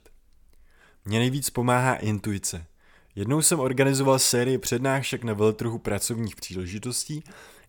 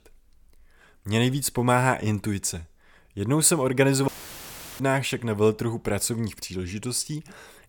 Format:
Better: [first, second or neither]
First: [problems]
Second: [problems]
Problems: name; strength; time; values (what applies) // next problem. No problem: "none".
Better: first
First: none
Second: audio cutting out; filled with static; at 4 s for 0.5 s